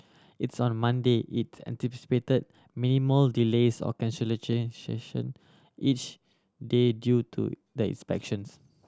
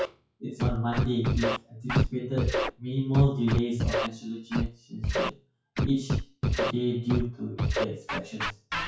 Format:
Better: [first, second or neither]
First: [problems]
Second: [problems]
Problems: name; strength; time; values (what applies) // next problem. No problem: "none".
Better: first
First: none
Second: noise reduction (classical method WPE with log-MMSE)